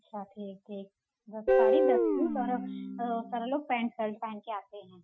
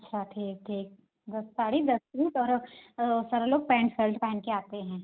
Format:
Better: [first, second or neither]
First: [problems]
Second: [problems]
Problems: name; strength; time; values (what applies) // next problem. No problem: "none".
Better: second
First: noise reduction (classical method Wiener filter)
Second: none